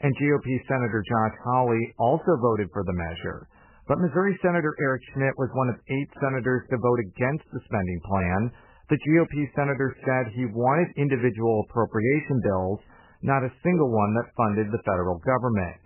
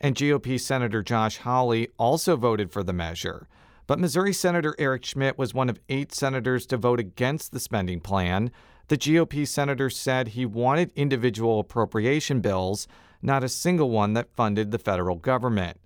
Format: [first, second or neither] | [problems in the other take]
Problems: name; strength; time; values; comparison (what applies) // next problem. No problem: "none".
second | garbled, watery; badly; nothing above 2.5 kHz